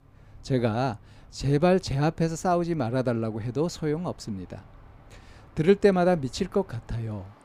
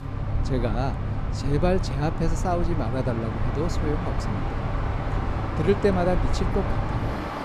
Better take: first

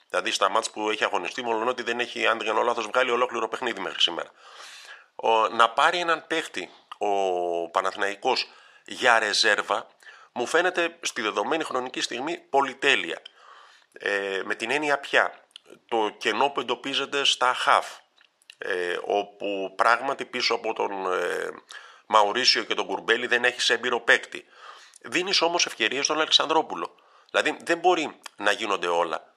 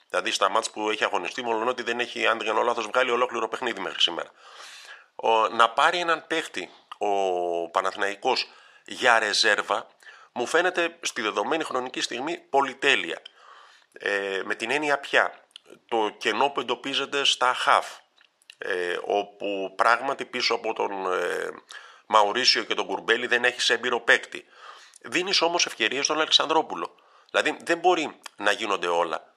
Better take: neither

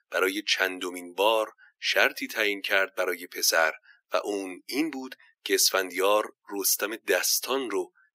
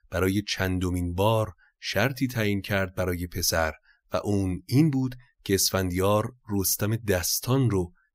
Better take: second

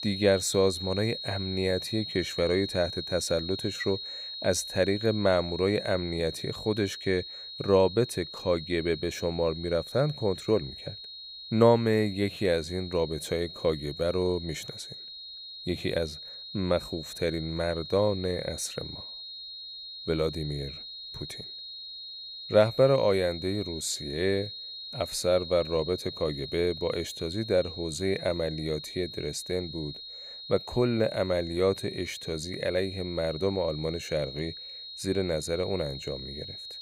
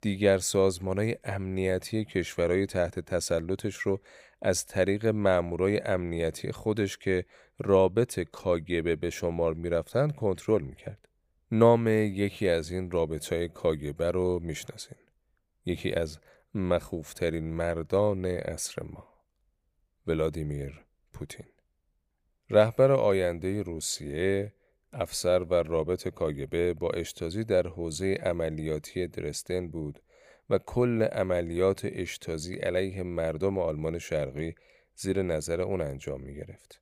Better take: second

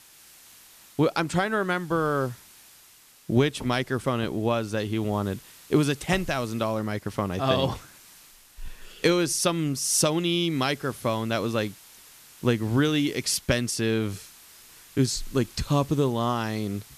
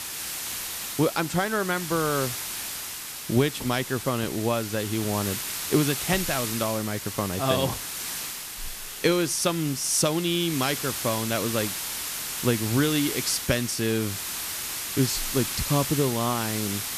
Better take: first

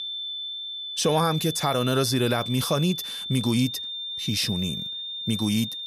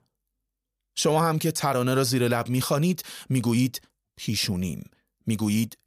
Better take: second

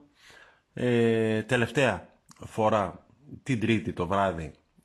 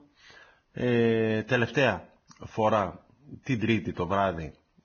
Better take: first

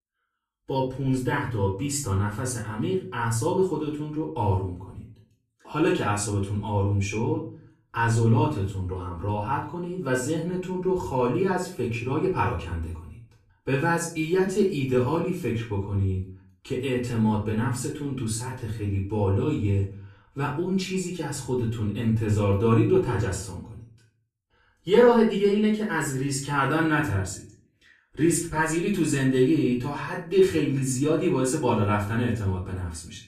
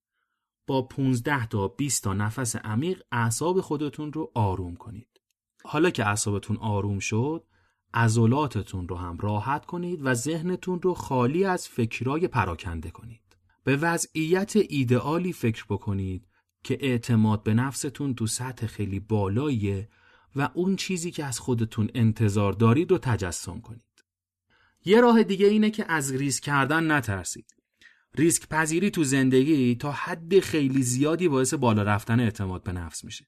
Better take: second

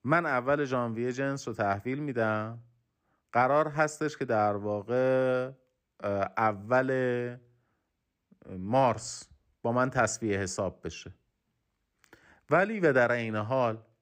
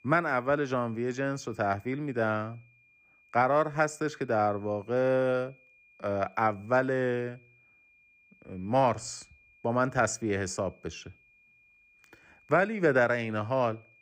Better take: first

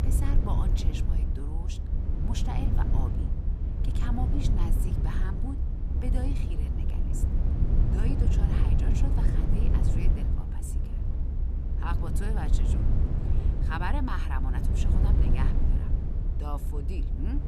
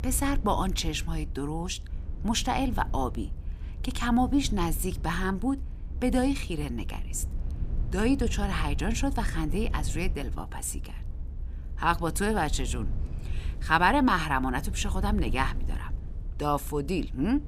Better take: second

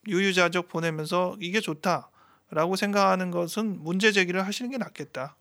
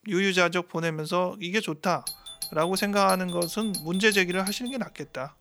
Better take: first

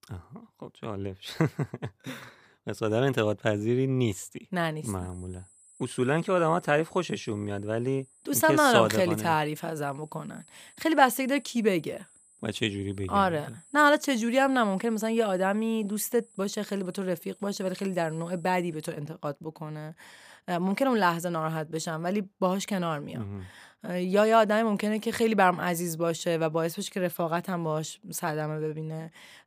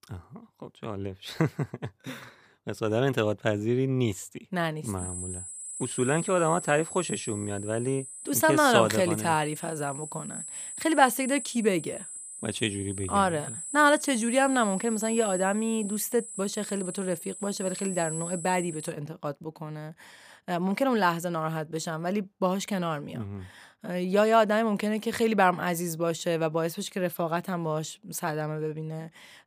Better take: first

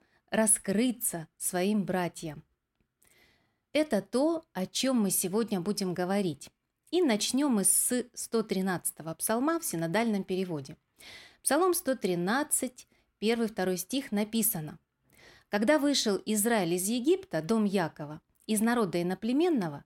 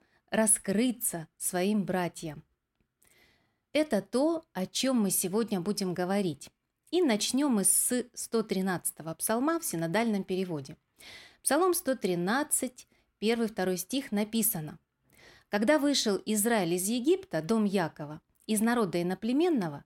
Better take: neither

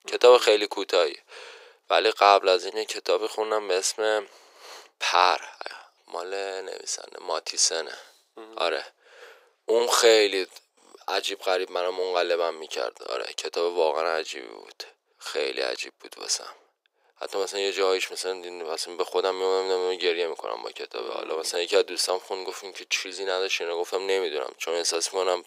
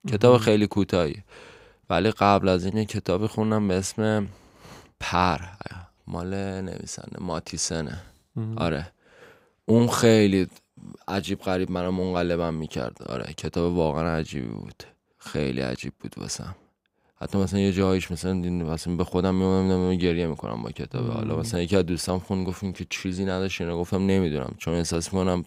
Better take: second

